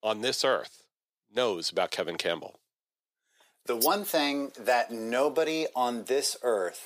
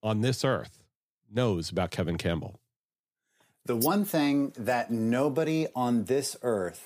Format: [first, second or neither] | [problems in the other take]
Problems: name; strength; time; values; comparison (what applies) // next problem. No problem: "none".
second | thin; somewhat; fading below 500 Hz